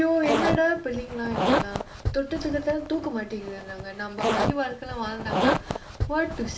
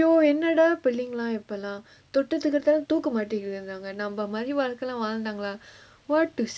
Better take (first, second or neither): second